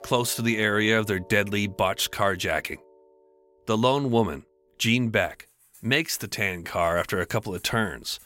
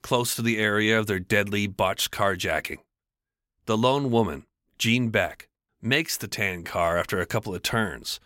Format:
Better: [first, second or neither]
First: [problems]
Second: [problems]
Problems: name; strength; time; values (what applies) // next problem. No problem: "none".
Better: second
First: background music; faint; throughout; 25 dB below the speech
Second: none